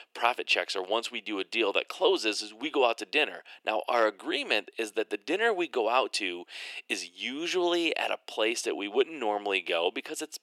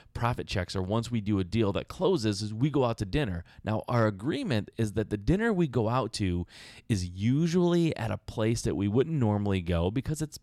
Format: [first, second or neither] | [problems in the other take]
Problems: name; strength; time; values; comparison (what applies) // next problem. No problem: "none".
second | thin; very; fading below 350 Hz